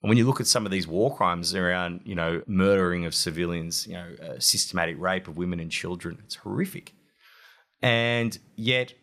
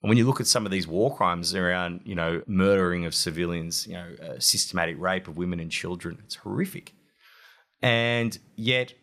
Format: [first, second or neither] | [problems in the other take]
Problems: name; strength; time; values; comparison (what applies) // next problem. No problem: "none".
neither | none